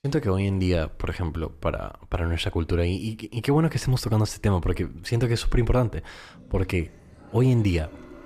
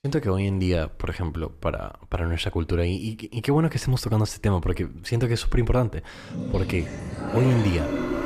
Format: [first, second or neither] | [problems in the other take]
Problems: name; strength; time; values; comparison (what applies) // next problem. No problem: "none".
first | household noises; loud; from 6.5 s on; 6 dB below the speech; faint in the first